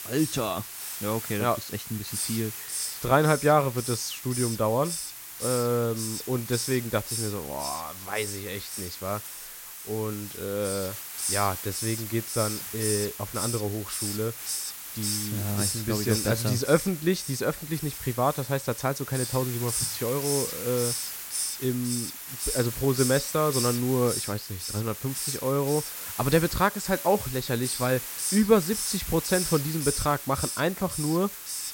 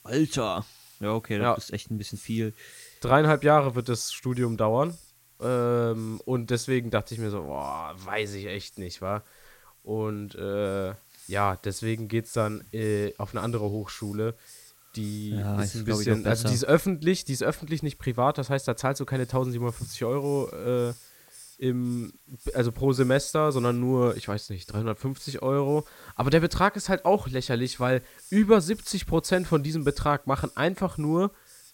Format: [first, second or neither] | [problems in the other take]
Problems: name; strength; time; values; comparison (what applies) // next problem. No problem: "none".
second | hiss; loud; throughout; 4 dB below the speech; faint in the second